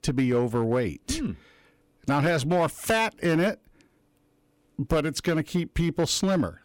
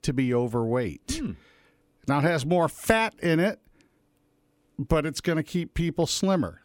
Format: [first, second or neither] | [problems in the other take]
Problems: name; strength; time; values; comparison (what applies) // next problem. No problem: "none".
second | distortion; slight; 5% of the sound clipped